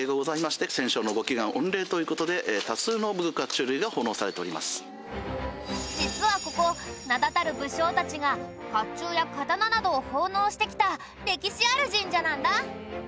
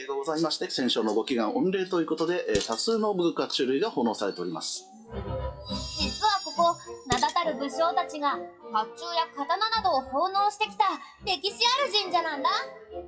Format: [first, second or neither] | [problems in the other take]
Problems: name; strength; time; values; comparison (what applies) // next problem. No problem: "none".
first | noise reduction (classical method WPE with log-MMSE)